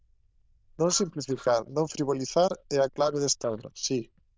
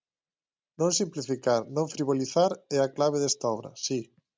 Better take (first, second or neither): second